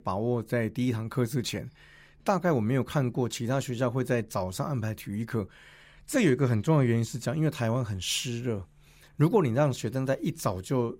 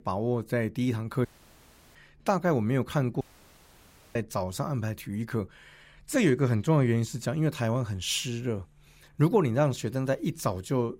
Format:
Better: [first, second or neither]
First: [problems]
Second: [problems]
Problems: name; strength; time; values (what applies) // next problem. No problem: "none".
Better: first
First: none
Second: audio cutting out; at 1.5 s for 0.5 s and at 3 s for 1 s